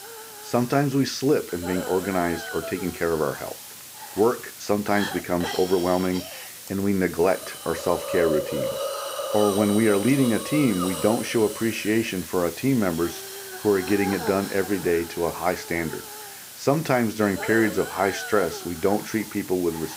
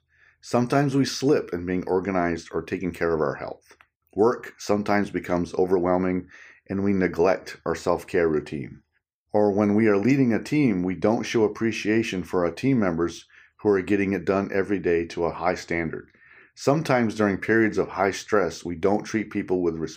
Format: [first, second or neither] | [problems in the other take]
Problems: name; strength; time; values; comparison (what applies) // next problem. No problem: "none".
second | hiss; loud; throughout; 9 dB below the speech